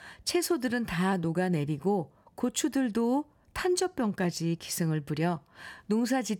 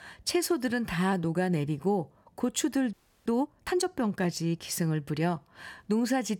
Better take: first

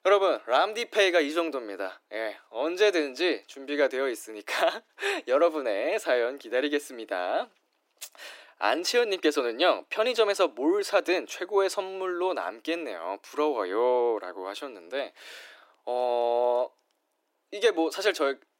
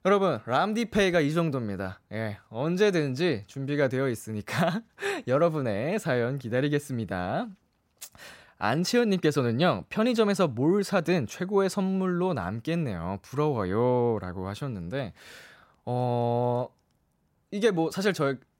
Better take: second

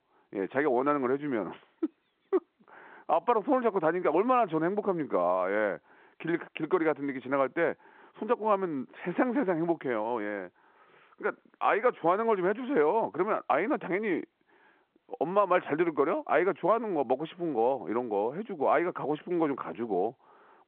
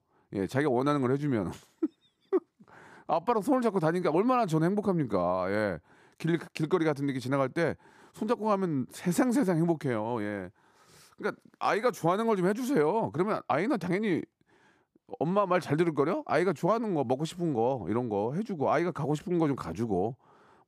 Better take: second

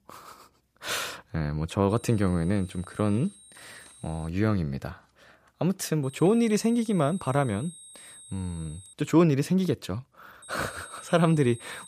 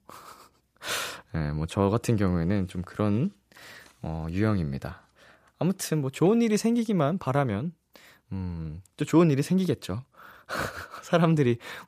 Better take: second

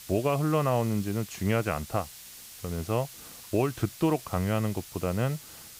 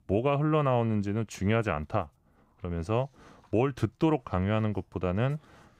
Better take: second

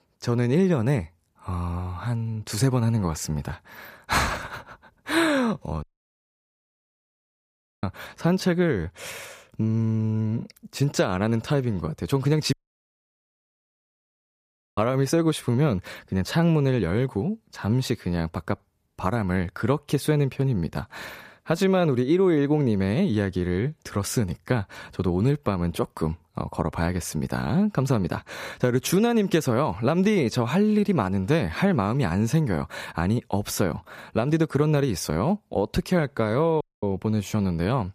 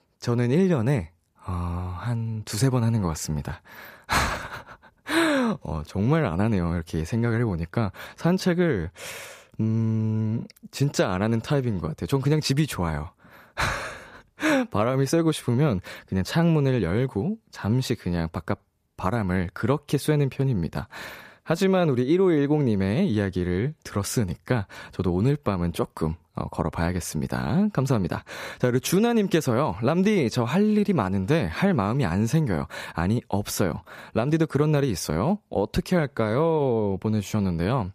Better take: second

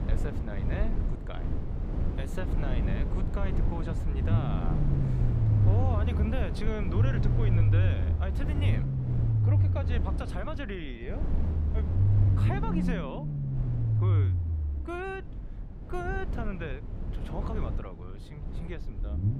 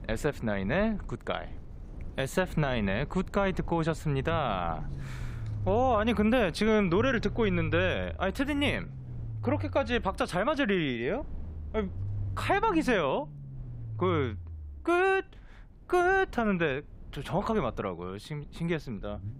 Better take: second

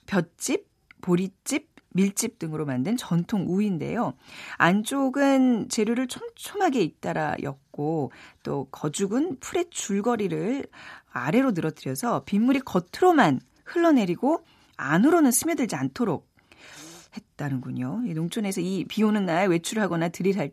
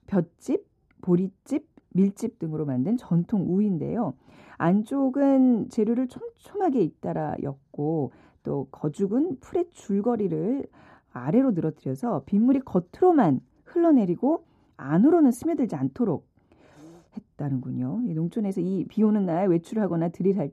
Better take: first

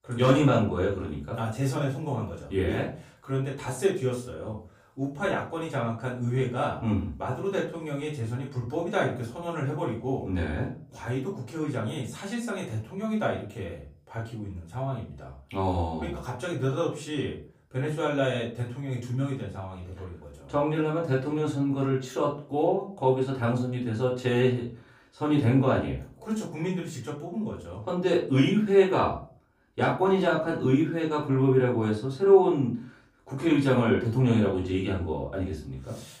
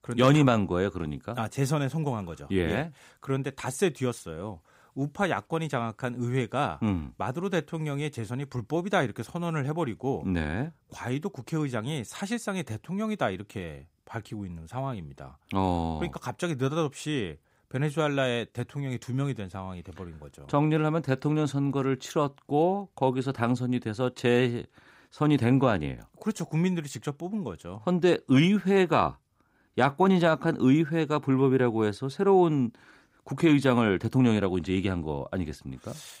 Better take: second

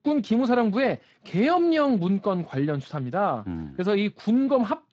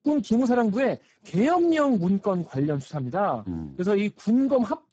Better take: first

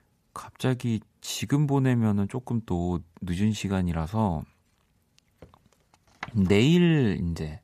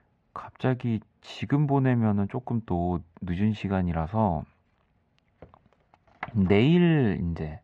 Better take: first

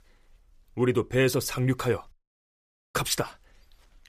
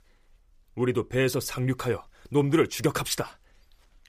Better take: second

